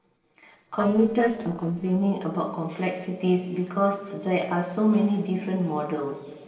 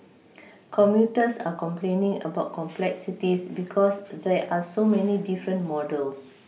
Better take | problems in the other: second | noise reduction (neural separator model SepFormer DNS4)

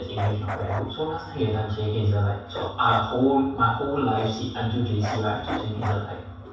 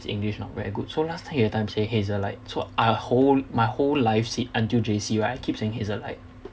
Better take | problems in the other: second | background sound (Bark); 12 dB below the speech // room echo; dies away in 0.7 s

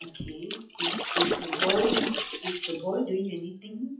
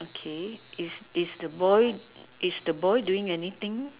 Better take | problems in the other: second | noise reduction (classical method WPE with log-MMSE)

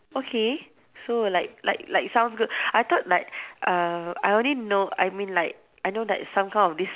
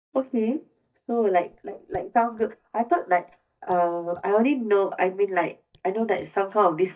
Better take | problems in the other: first | noise reduction (neural mask model DeepFilterNet 3)

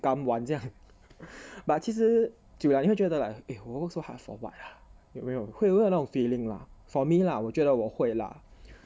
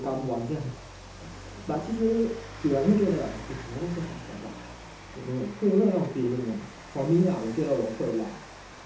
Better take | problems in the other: first | background sound (Rain); 15 dB below the speech // room echo; dies away in 0.6 s

